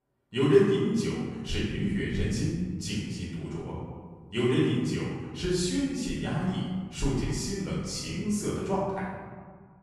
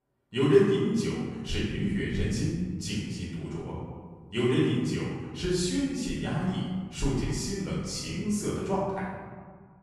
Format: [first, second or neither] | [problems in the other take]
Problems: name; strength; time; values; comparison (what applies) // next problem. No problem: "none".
neither | room echo; strong; dies away in 1.4 s; the same in both // off-mic speech; far; the same in both